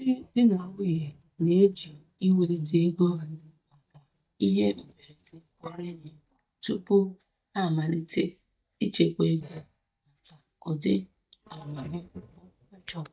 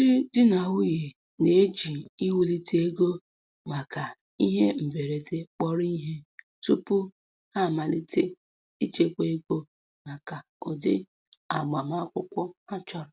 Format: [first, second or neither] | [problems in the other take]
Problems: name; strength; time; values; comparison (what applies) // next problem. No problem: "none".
second | noise reduction (neural mask model DeepFilterNet 3)